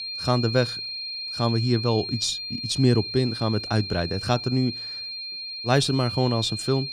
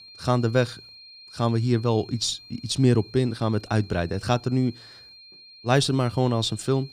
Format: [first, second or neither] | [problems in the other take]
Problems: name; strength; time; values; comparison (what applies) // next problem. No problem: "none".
second | high-pitched whine; loud; throughout; 4 kHz, 6 dB below the speech; faint in the second